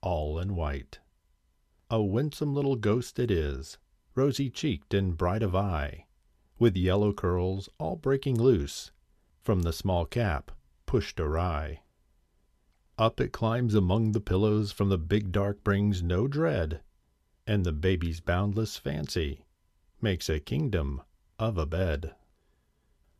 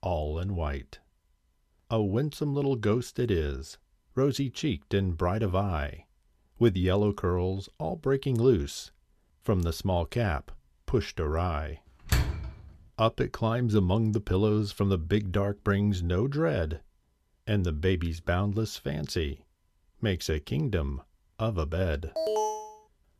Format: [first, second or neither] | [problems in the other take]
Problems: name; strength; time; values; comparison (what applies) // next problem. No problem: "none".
first | door banging; loud; at 12 s; peak level with the speech // alarm; loud; at 22 s; peak level with the speech